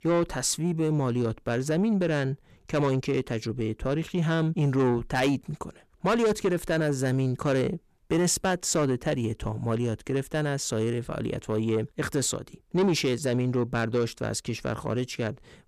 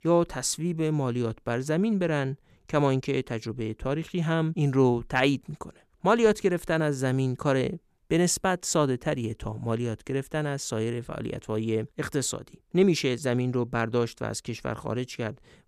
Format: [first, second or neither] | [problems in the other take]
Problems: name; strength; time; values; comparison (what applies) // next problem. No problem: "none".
second | distortion; slight; 10 dB below the speech